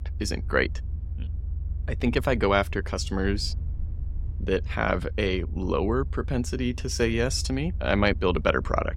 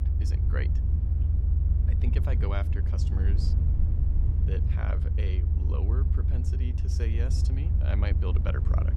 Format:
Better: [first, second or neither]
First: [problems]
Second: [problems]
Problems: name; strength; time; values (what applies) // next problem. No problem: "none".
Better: first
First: low rumble; faint; throughout; 25 dB below the speech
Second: low rumble; loud; throughout; 2 dB below the speech